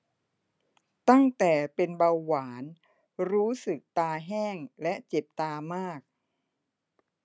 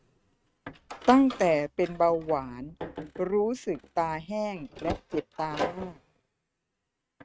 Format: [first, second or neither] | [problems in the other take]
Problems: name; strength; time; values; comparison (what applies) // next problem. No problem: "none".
first | noise reduction (neural mask model RNNoise)